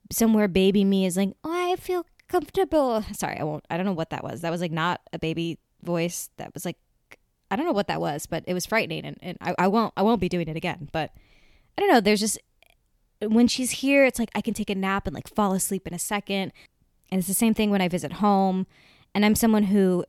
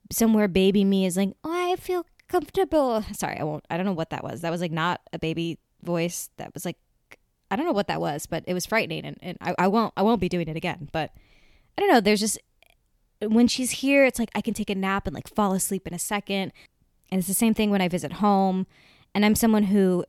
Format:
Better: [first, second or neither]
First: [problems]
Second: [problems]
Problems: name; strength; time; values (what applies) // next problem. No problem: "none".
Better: neither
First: none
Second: none